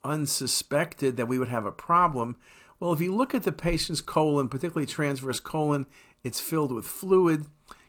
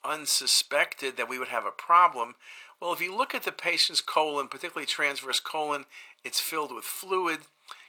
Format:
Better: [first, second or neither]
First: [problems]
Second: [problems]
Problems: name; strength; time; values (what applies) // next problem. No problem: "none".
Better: first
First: none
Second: thin; very; fading below 700 Hz